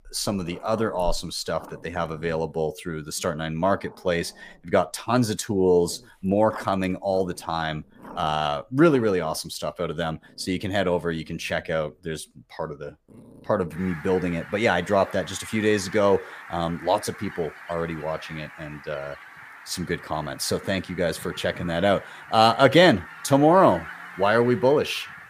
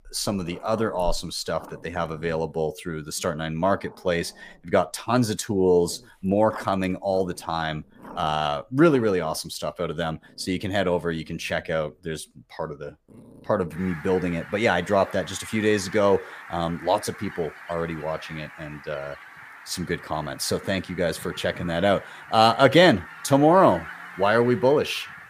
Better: neither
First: animal sounds; noticeable; throughout; 20 dB below the speech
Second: animal sounds; noticeable; throughout; 20 dB below the speech

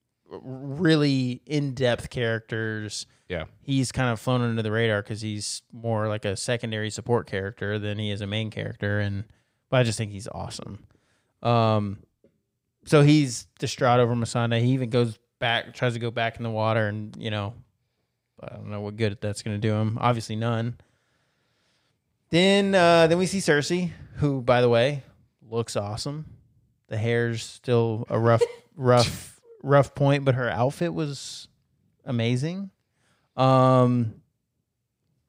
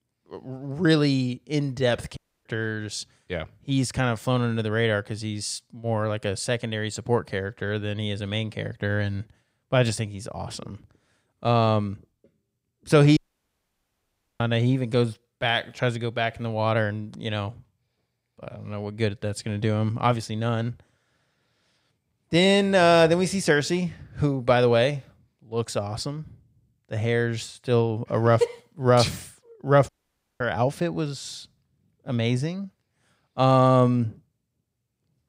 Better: first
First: none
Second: audio cutting out; at 2 s, at 13 s for 1 s and at 30 s for 0.5 s

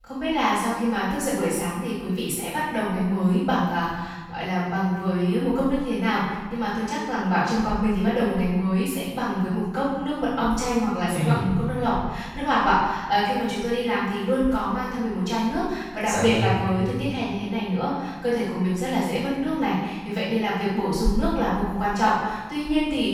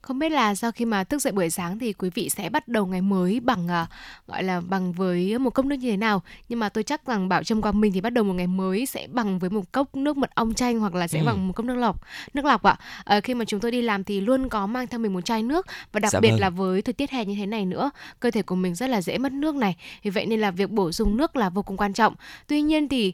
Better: second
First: off-mic speech; far // room echo; strong; dies away in 1.2 s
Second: none

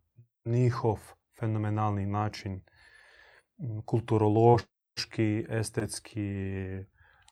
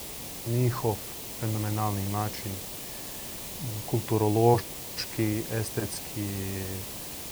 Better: first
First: none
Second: hiss; loud; throughout; 6 dB below the speech

